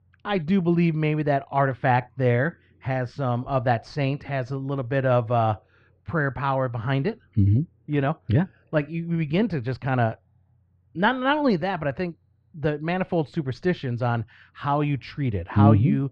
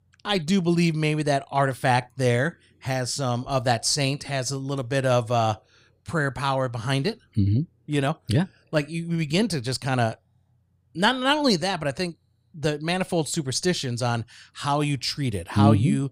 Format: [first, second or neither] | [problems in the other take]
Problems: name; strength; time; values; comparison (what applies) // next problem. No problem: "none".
second | muffled; very; fading above 2.5 kHz